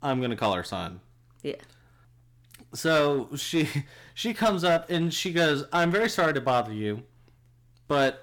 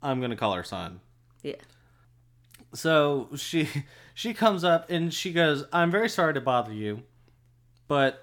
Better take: second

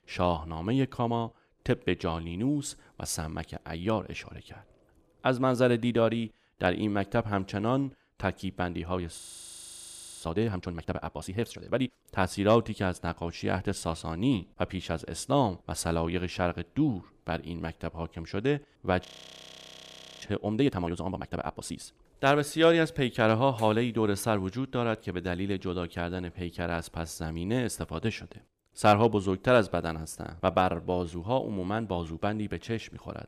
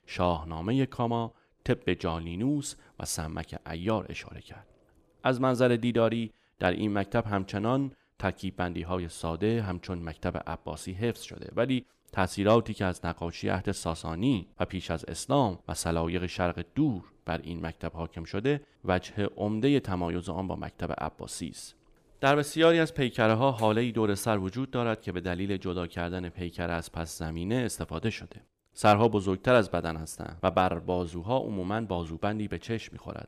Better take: second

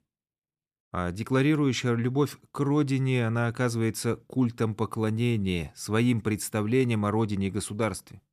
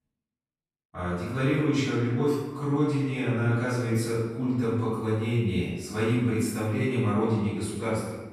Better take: first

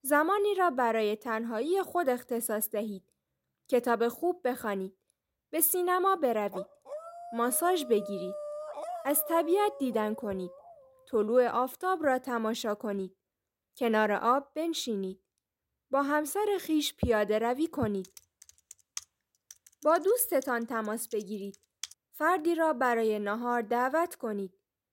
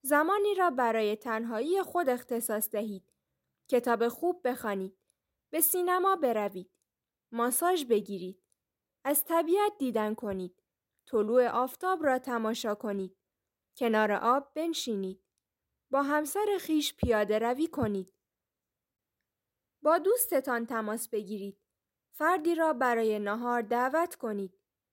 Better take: second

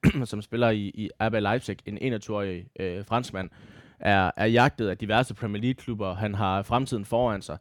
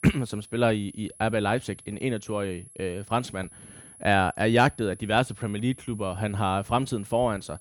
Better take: first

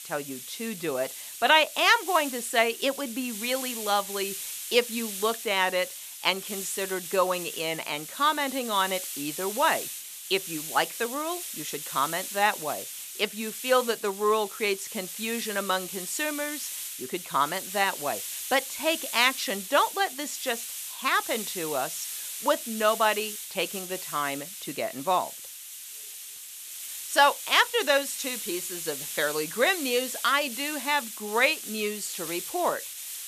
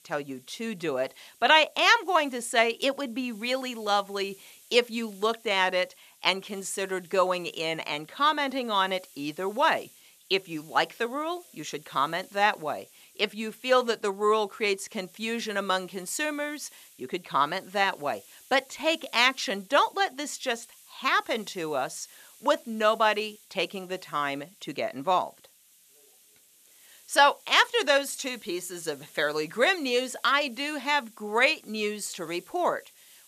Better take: second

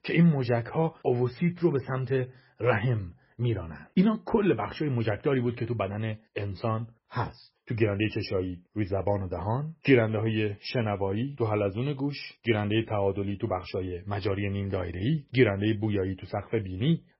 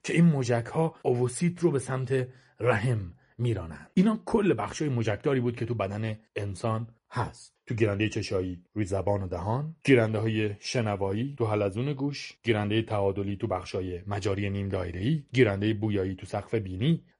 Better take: second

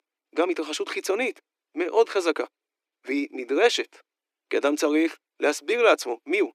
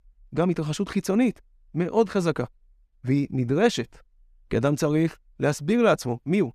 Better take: second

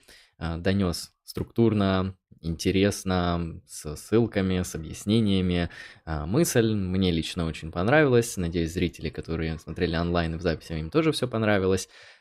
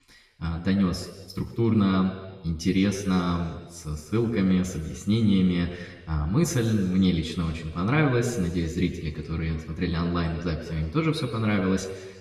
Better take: first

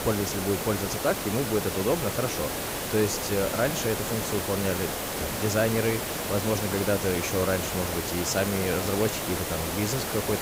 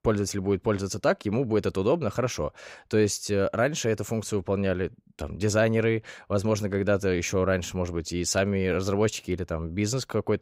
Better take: second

